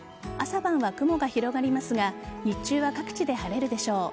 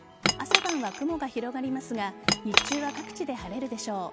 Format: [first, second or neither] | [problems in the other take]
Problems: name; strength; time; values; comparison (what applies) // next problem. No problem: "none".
first | background sound (Cutlery, silverware / Chink, clink); 1 dB above the speech